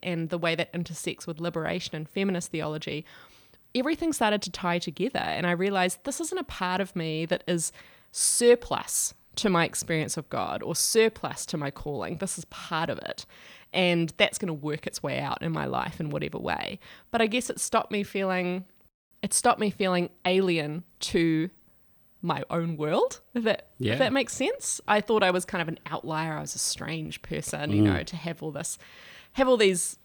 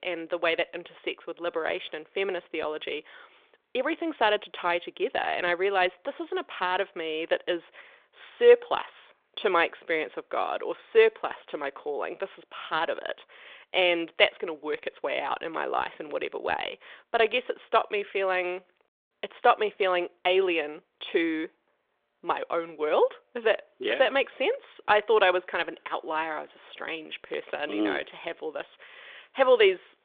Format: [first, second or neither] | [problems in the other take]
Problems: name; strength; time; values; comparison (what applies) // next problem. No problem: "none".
first | phone-call audio